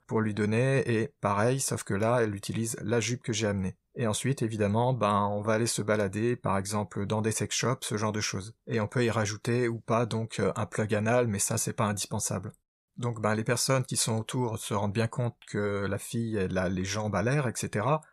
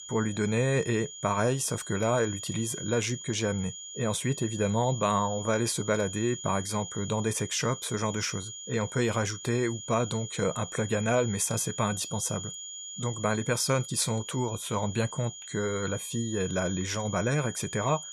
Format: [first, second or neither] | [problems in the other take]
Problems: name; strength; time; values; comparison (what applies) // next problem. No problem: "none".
first | high-pitched whine; loud; throughout; 7 kHz, 9 dB below the speech